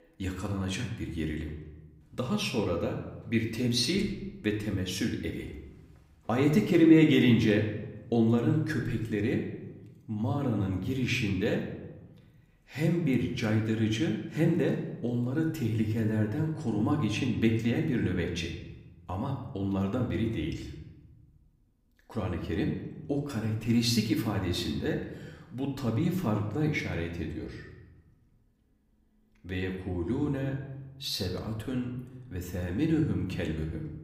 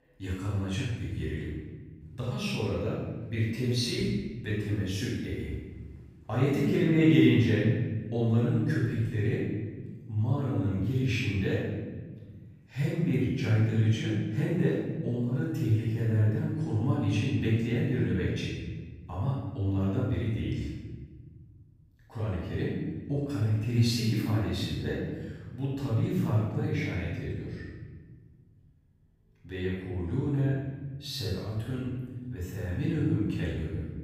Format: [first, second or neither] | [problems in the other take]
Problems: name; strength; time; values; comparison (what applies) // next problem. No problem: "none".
first | room echo; strong; dies away in 1.6 s; slight in the first // off-mic speech; far; somewhat distant in the first